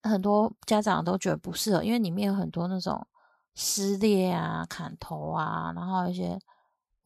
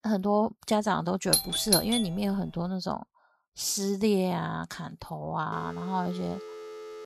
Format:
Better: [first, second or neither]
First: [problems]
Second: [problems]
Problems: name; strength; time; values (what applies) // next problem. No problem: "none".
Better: first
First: none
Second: doorbell; loud; at 1.5 s; peak 5 dB above the speech // phone ringing; faint; from 5.5 s on; peak 10 dB below the speech